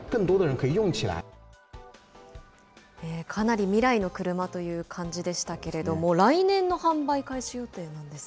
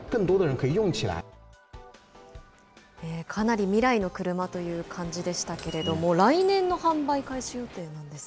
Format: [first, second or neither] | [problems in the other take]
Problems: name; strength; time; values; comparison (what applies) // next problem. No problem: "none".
first | background sound (Subway, metro, underground); 16 dB below the speech